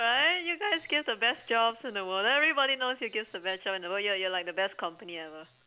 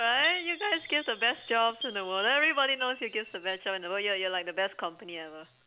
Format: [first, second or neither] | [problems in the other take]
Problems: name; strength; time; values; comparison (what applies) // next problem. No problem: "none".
first | background sound (Chime); 17 dB below the speech